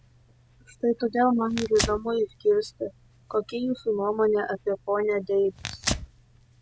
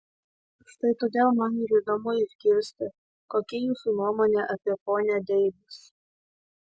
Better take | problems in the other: second | background sound (Tearing); 11 dB below the speech

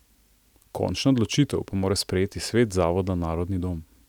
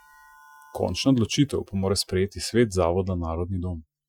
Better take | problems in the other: first | noise reduction (classical method Wiener filter)

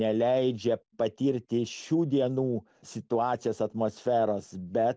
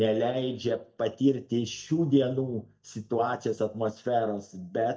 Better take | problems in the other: first | noise reduction (neural mask model DeepFilterNet 3)

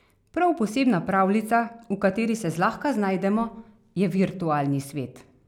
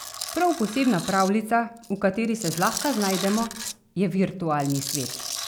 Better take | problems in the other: first | background sound (Tools); 10 dB below the speech

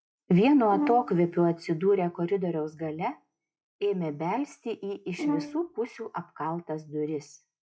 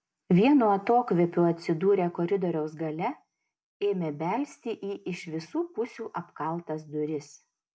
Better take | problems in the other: second | noise reduction (classical method log-MMSE)

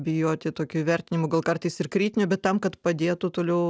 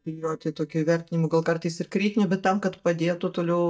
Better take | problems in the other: first | noise reduction (neural mask model DeepFilterNet 3)

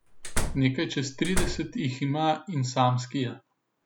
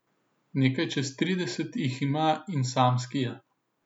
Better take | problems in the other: second | background sound (Slam); 2 dB below the speech

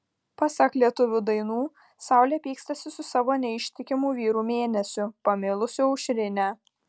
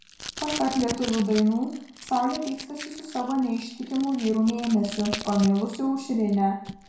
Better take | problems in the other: first | background sound (Packing tape, duct tape); 14 dB below the speech // room echo; dies away in 0.6 s

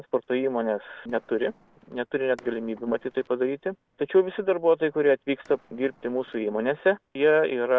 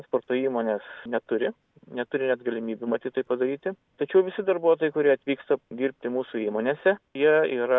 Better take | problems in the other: second | noise reduction (neural separator model SepFormer DNS4)

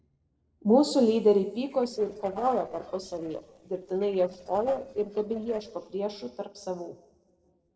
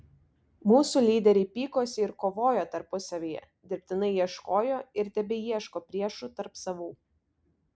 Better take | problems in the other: second | noise reduction (neural separator model SepFormer DNS4)

